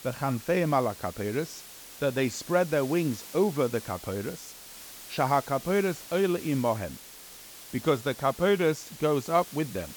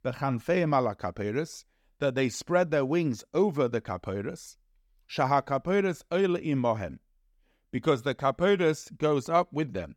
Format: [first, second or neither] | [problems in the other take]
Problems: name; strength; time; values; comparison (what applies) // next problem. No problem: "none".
second | hiss; noticeable; throughout; 15 dB below the speech